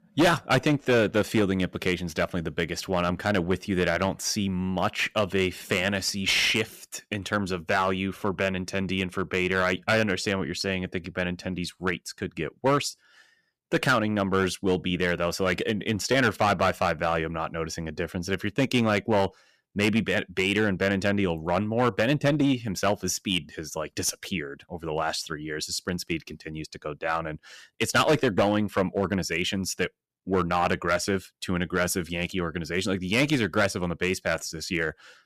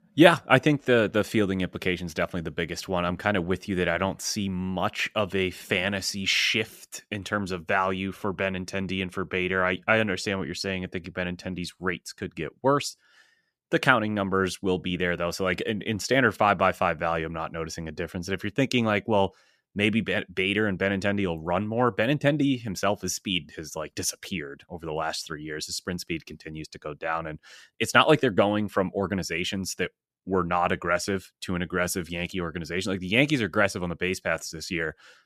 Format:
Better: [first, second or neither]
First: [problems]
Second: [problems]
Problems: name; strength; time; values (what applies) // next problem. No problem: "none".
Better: second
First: distortion; slight; 4% of the sound clipped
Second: none